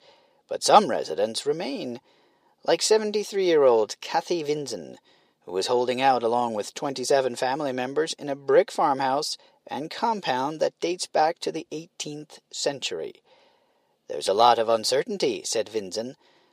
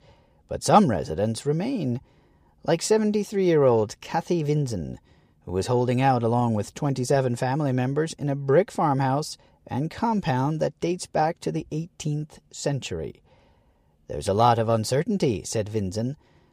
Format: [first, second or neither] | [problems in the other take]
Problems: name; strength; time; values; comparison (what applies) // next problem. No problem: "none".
second | thin; somewhat; fading below 450 Hz